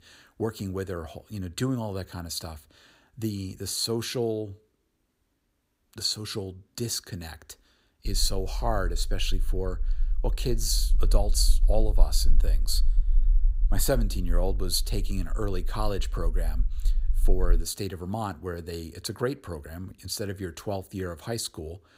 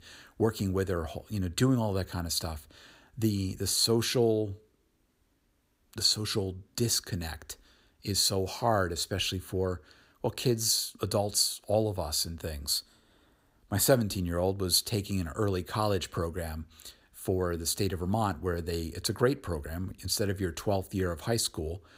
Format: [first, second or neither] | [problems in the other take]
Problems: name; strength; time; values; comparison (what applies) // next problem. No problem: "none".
second | low rumble; faint; from 8 to 18 s; 25 dB below the speech